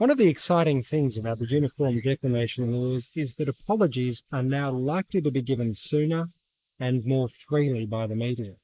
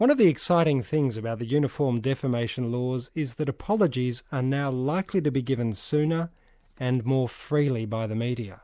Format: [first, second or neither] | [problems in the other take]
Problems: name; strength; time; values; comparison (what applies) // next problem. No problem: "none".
second | noise reduction (neural mask model Resemble Enhance denoiser)